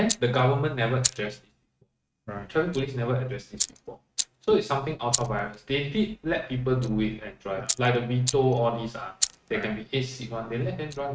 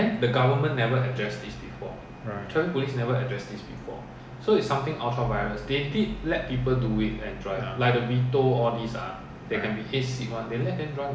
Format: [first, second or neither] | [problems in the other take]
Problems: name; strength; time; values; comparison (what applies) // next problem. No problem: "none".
second | noise reduction (neural mask model RNNoise)